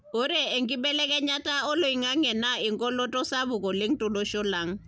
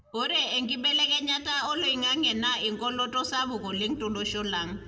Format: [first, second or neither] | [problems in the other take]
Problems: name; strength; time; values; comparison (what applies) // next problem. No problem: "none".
first | room echo; dies away in 0.7 s